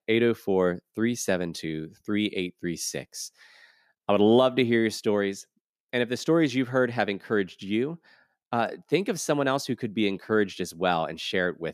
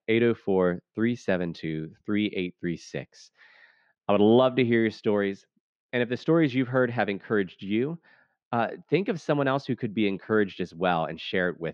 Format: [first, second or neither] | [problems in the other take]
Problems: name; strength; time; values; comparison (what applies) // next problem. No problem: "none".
first | muffled; slightly; fading above 3.5 kHz